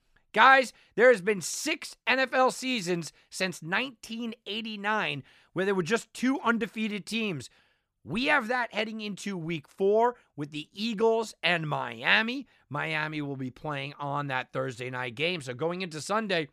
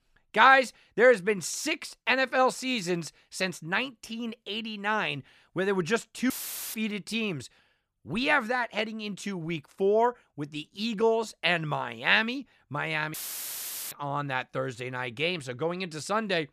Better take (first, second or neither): first